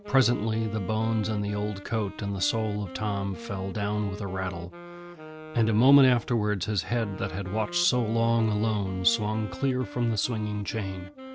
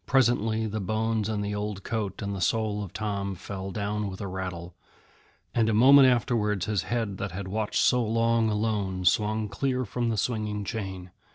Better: second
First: background sound (Wind instrument, woodwind instrument); 14 dB below the speech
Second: none

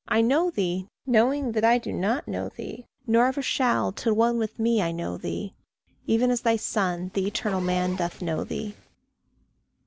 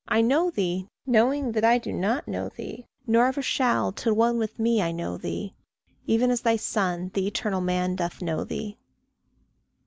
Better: second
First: background sound (Zipper (clothing)); 17 dB below the speech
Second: none

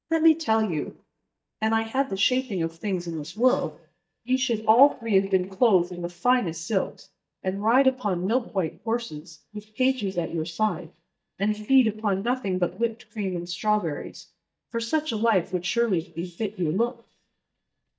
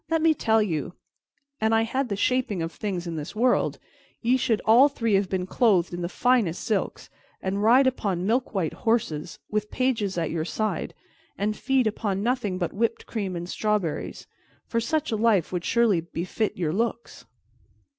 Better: second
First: noise reduction (neural mask model DeepFilterNet 3)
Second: none

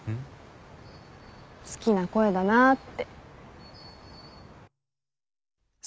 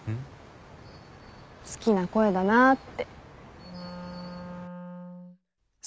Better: first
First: none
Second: background sound (Wind instrument, woodwind instrument); 13 dB below the speech

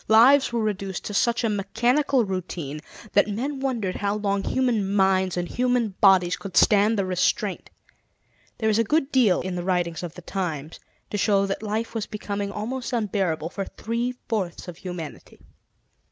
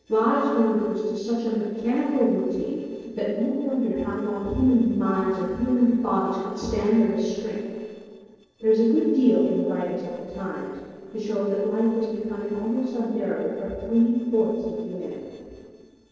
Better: first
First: none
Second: noise reduction (neural separator model SepFormer DNS4)

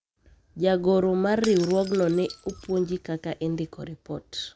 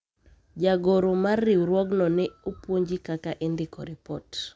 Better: second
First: background sound (Shatter / Crushing); 20 dB below the speech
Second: none

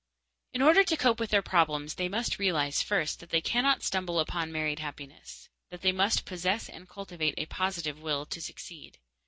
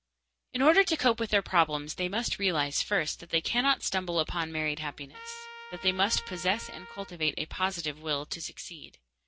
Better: first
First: none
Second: background sound (Trumpet); 17 dB below the speech

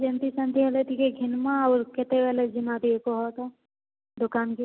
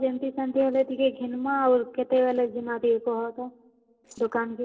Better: first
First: none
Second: noise reduction (neural separator model SepFormer DNS4)

